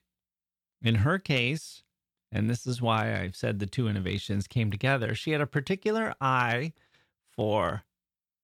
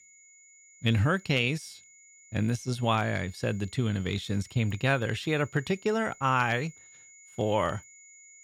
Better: first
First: none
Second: high-pitched whine; faint; throughout; 7 kHz, 25 dB below the speech

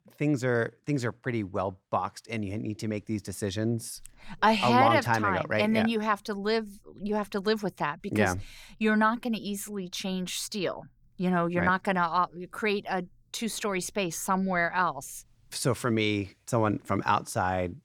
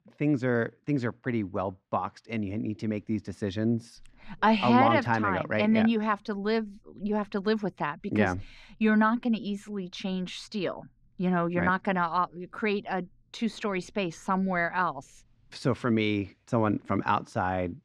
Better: first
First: none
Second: muffled; very slightly; fading above 3.5 kHz

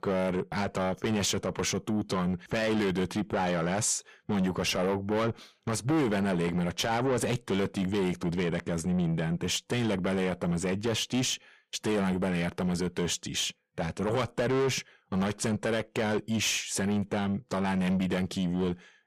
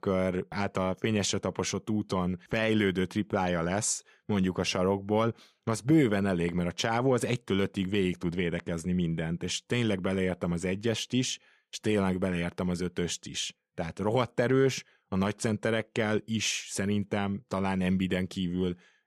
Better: second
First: distortion; heavy; 7 dB below the speech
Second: none

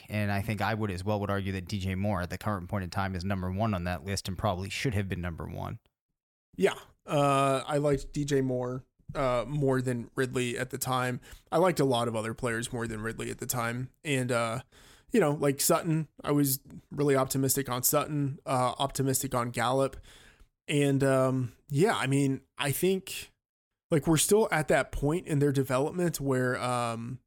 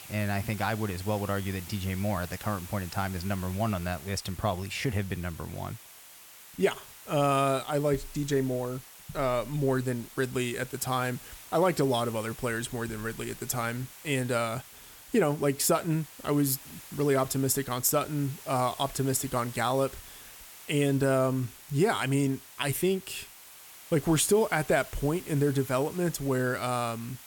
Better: first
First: none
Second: hiss; noticeable; throughout; 15 dB below the speech

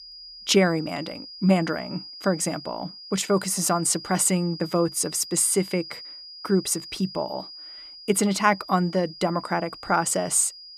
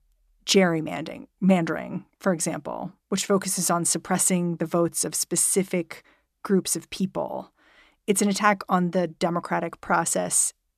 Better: second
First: high-pitched whine; noticeable; throughout; 5 kHz, 15 dB below the speech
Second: none

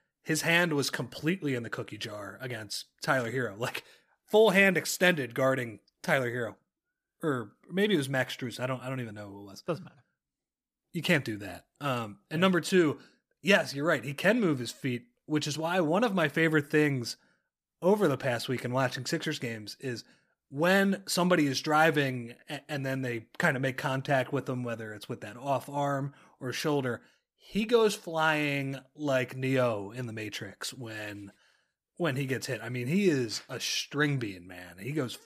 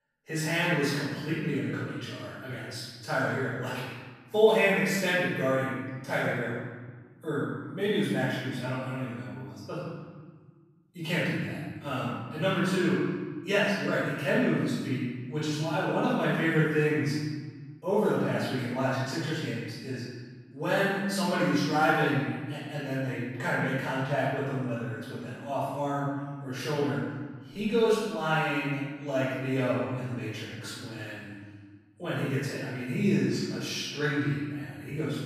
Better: first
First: none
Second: off-mic speech; far // room echo; strong; dies away in 1.4 s

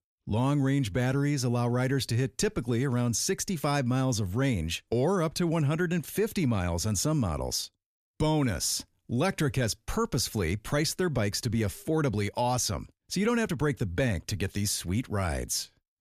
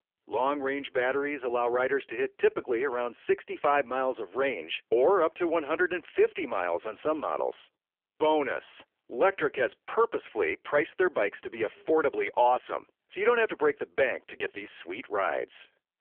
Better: first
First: none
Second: phone-call audio; poor line; nothing above 3.5 kHz

